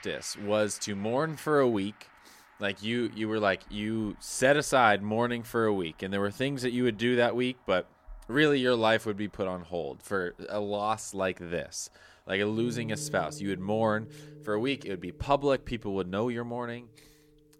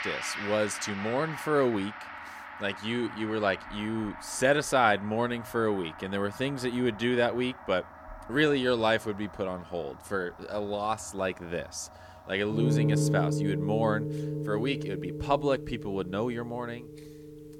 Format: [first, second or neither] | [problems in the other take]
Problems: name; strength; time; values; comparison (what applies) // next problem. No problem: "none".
first | background music; loud; throughout; 6 dB below the speech; faint in the first